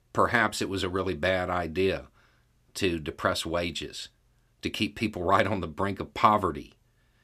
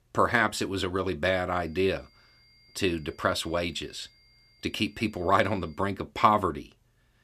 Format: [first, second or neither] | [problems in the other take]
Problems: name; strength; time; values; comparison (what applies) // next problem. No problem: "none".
first | high-pitched whine; faint; from 1.5 to 6 s; 4.5 kHz, 30 dB below the speech